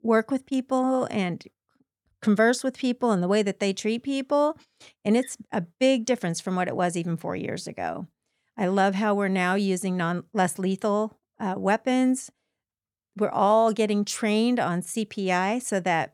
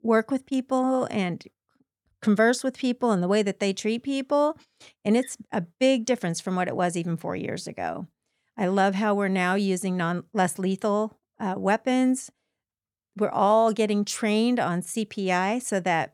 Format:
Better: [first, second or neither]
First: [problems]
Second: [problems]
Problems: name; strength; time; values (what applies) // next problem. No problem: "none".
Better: neither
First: none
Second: none